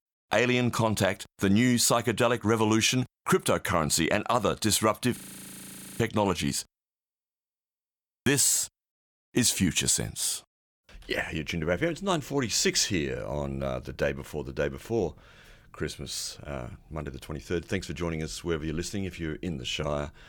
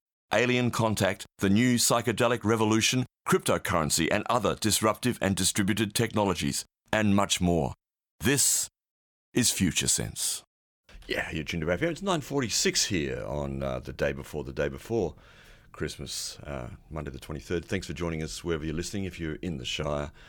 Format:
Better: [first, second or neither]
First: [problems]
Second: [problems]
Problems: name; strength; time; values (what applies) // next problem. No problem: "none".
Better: second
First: audio freezing; at 5 s for 1 s and at 7 s for 1.5 s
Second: none